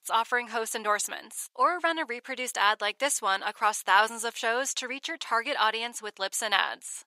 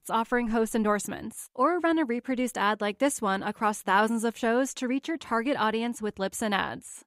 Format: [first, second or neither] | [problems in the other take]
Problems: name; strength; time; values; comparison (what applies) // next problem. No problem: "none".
second | thin; very; fading below 750 Hz